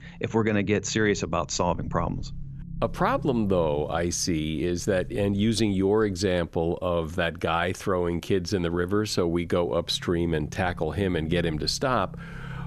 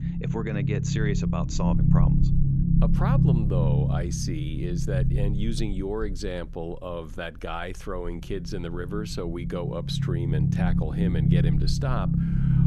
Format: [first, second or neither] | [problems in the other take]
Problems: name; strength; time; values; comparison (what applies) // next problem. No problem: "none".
first | low rumble; loud; throughout; 1 dB below the speech; faint in the first